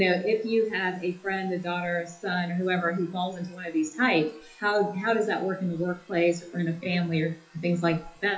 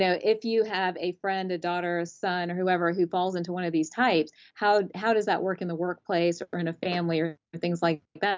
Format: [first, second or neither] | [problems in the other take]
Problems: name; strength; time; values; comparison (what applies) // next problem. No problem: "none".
second | noise reduction (classical method WPE with log-MMSE)